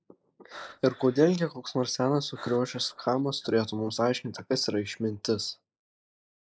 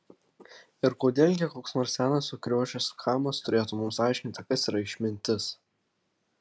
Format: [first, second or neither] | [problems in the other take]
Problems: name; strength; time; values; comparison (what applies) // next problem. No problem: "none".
second | noise reduction (neural mask model Resemble Enhance denoiser)